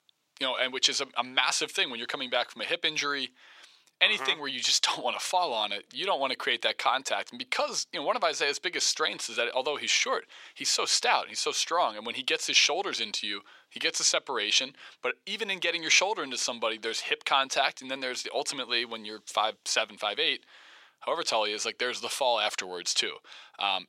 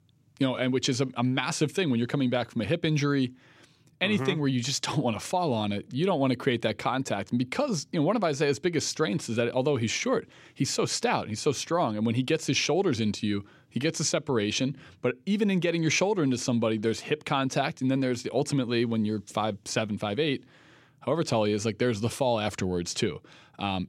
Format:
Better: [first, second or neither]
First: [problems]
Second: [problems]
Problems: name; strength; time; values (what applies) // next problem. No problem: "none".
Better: second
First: thin; very; fading below 850 Hz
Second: none